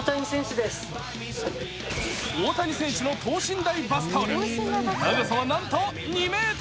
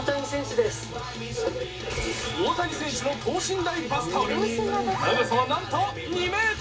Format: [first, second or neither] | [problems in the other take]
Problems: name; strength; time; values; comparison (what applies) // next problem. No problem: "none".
first | room echo; dies away in 0.2 s